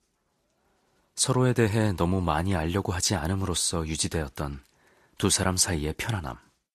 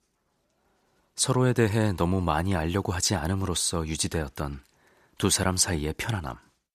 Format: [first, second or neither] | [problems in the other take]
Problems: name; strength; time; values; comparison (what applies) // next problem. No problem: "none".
second | garbled, watery; slightly; nothing above 12.5 kHz